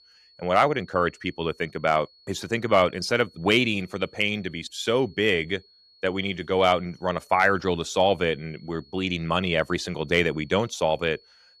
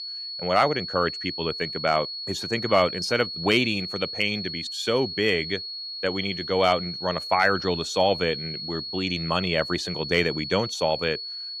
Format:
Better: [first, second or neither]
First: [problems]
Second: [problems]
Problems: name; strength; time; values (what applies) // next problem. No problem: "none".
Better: first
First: high-pitched whine; faint; throughout; 4.5 kHz, 30 dB below the speech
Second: high-pitched whine; loud; throughout; 4.5 kHz, 6 dB below the speech